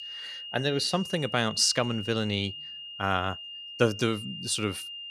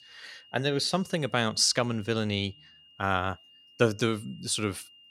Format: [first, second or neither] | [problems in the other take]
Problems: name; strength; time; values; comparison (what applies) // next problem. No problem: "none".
second | high-pitched whine; loud; throughout; 3 kHz, 10 dB below the speech; faint in the second